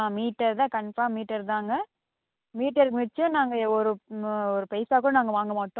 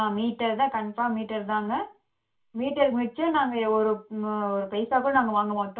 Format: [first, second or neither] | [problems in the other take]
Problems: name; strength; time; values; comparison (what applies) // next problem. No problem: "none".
first | room echo; dies away in 0.2 s